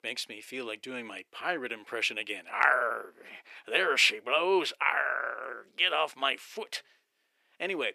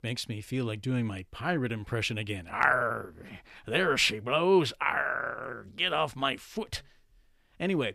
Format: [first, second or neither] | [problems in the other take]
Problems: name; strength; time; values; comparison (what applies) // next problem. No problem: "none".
second | thin; very; fading below 400 Hz